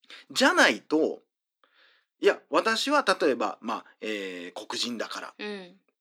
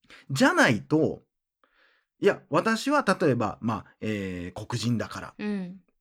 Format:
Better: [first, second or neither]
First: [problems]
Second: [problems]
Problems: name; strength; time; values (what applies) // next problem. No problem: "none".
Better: second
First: thin; very slightly; fading below 300 Hz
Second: none